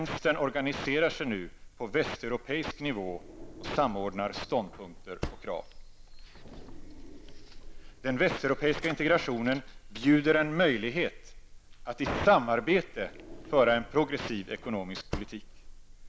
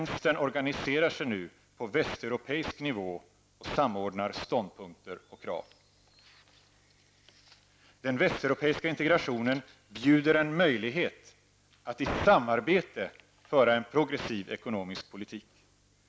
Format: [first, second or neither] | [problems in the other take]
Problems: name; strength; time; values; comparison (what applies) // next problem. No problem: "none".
second | background sound (Drawer open or close); 14 dB below the speech